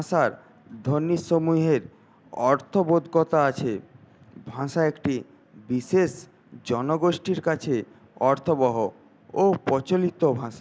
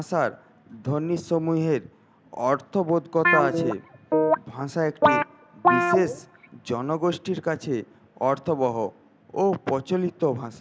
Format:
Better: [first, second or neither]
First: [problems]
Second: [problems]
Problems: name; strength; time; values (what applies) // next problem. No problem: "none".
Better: first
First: none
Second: background sound (Guitar); 2 dB above the speech